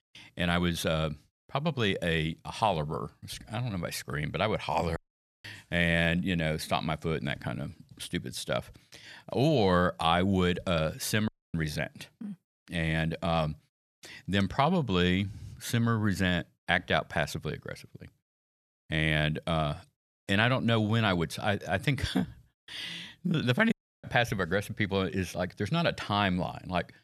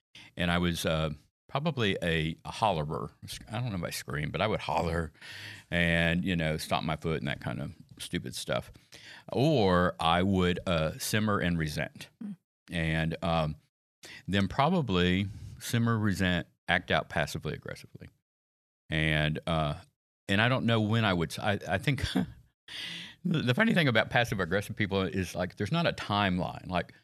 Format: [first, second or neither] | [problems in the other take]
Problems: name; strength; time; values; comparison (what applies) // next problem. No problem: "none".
second | audio cutting out; at 5 s, at 11 s and at 24 s